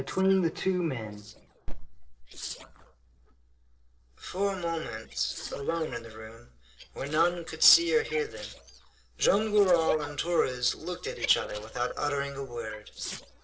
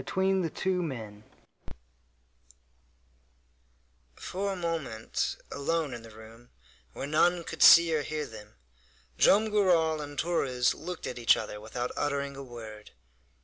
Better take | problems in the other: second | noise reduction (neural separator model SepFormer DNS4)

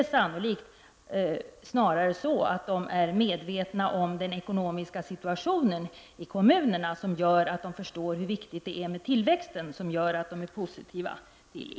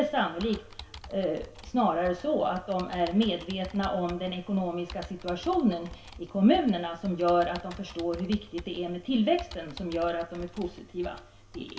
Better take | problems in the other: first | background sound (Computer keyboard); 17 dB below the speech // room echo; dies away in 0.3 s

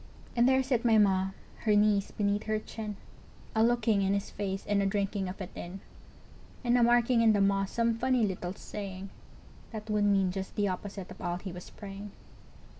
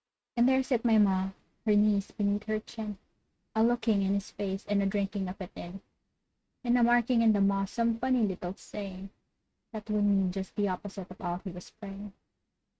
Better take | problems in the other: first | noise reduction (neural mask model RNNoise)

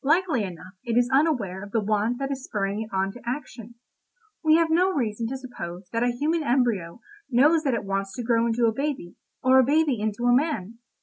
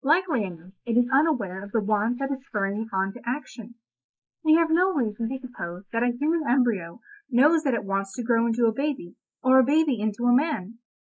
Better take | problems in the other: first | noise reduction (neural mask model Resemble Enhance denoiser)

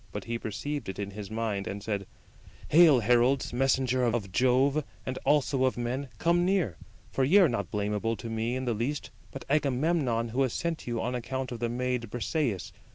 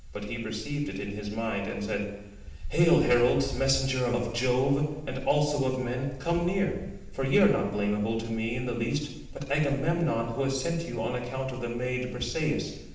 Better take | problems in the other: first | room echo; dies away in 0.8 s

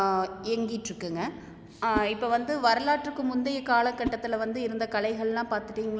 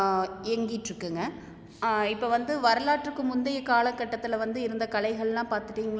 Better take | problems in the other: second | background sound (Whoosh, swoosh, swish); 13 dB below the speech

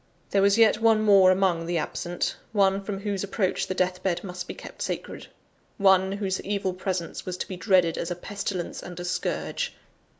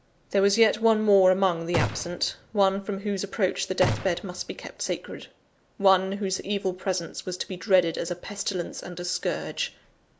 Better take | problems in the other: first | background sound (Gunshot, gunfire); 7 dB below the speech

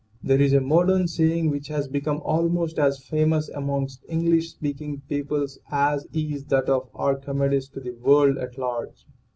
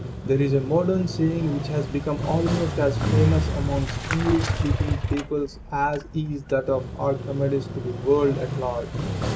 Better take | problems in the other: first | background sound (Motorcycle); 3 dB below the speech

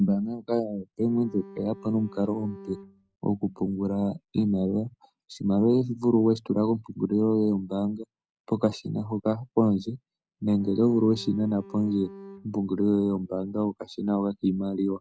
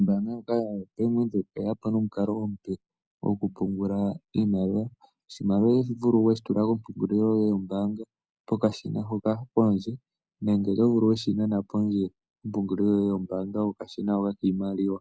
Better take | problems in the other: second | background sound (Bowed string instrument); 19 dB below the speech

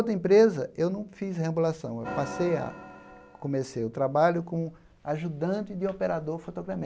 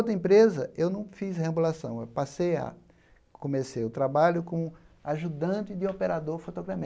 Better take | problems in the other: second | background sound (Organ); 13 dB below the speech

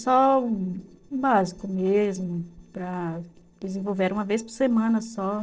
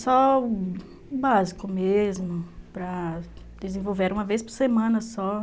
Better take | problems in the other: second | noise reduction (neural separator model SepFormer DNS4)

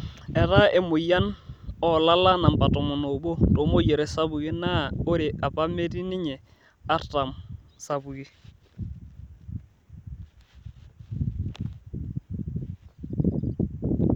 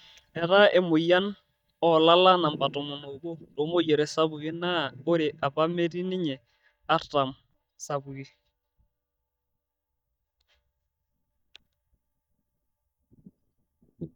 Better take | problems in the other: first | noise reduction (neural mask model DeepFilterNet 3)

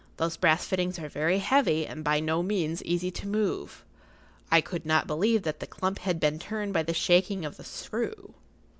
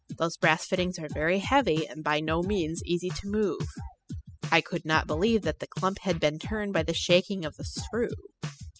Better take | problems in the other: first | noise reduction (classical method spectral subtraction)

